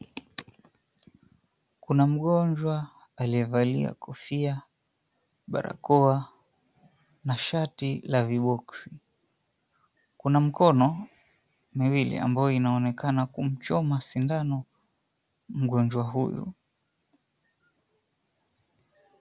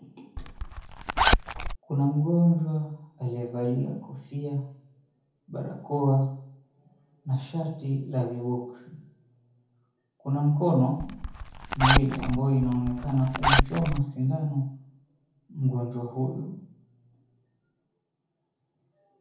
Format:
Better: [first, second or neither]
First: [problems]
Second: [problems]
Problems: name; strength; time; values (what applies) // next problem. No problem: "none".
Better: first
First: none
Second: background sound (Zipper (clothing)); 2 dB above the speech // room echo; dies away in 0.7 s